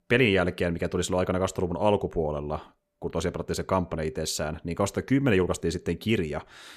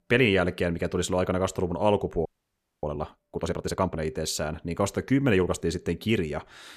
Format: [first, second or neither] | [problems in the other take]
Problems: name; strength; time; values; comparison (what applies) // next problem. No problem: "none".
first | audio freezing; at 2.5 s for 0.5 s